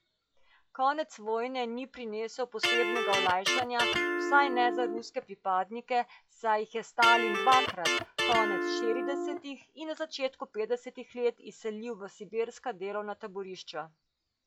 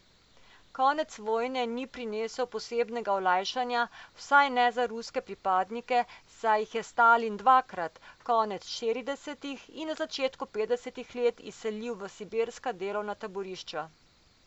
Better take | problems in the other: second | noise reduction (classical method log-MMSE)

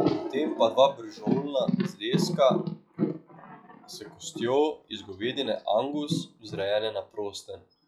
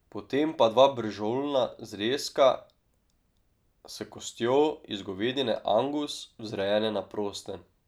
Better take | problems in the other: second | noise reduction (classical method log-MMSE)

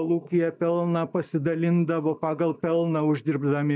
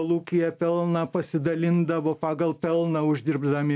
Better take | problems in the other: second | noise reduction (neural mask model DeepFilterNet 3)

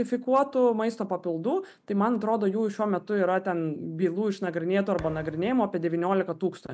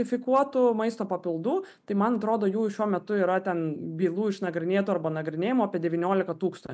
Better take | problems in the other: second | background sound (Thump, thud); 18 dB below the speech

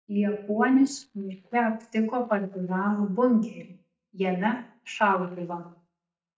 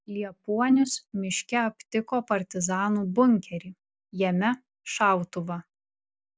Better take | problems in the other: second | noise reduction (neural mask model DeepFilterNet 3)

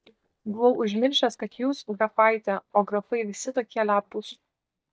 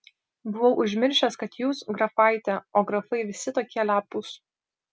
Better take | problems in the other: second | noise reduction (neural mask model DeepFilterNet 3)

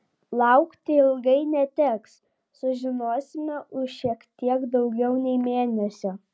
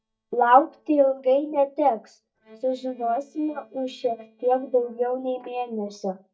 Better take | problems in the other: first | noise reduction (neural mask model DeepFilterNet 3)

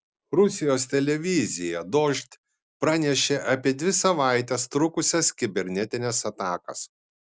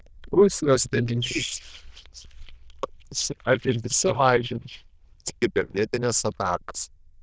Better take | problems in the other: first | noise reduction (neural diffusion model UNIVERSE++)

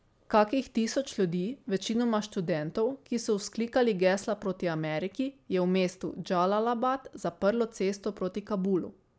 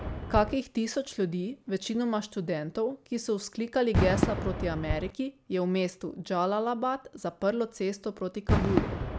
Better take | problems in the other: first | background sound (Fireworks); 4 dB below the speech

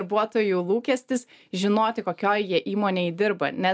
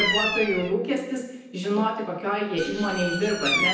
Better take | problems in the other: first | background sound (Bird vocalization, bird call, bird song); 3 dB below the speech // room echo; dies away in 0.9 s

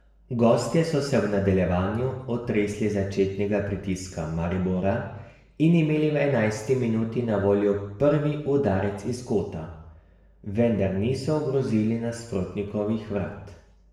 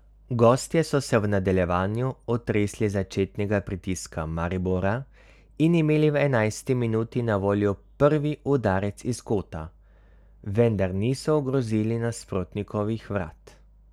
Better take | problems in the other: second | room echo; dies away in 0.9 s

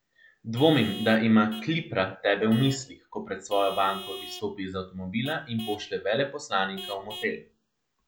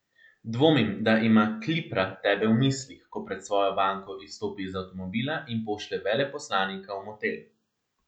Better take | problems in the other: second | background sound (Vehicle horn, car horn, honking / Truck); 17 dB below the speech

